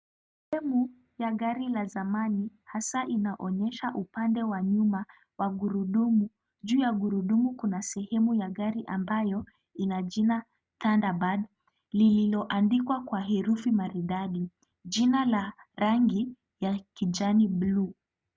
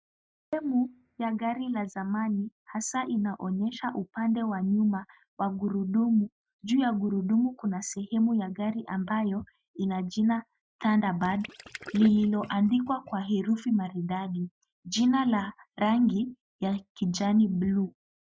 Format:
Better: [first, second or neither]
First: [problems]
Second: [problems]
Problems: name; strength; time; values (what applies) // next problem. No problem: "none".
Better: first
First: none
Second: noise reduction (classical method Wiener filter)